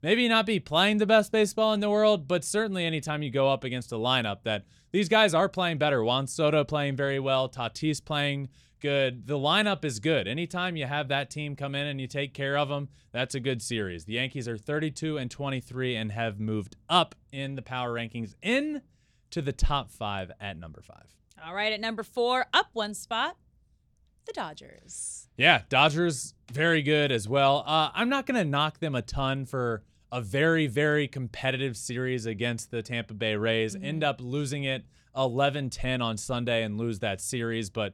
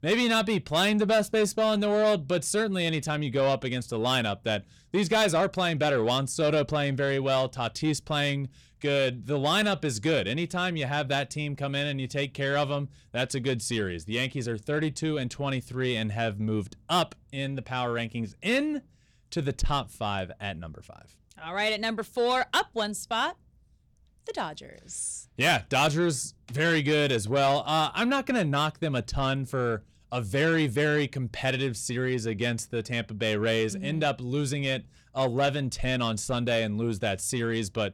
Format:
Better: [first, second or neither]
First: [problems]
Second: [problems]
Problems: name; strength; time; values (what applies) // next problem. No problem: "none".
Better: first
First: none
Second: distortion; slight; 10 dB below the speech